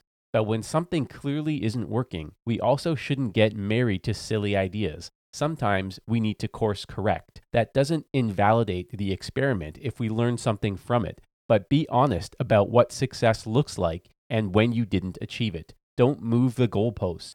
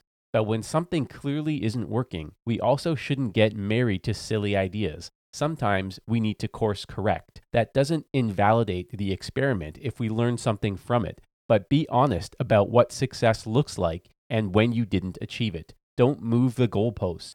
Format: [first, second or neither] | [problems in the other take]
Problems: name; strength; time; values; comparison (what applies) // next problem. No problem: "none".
neither | none